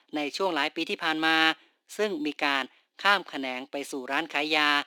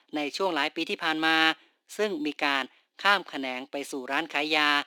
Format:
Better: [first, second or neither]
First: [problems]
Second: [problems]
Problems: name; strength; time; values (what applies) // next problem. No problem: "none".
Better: neither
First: thin; somewhat; fading below 300 Hz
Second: thin; somewhat; fading below 300 Hz